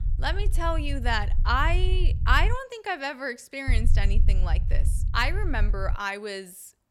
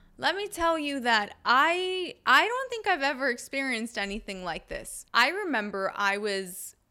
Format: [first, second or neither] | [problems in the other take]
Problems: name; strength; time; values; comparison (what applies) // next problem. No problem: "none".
second | low rumble; noticeable; until 2.5 s and from 3.5 to 6 s; 20 dB below the speech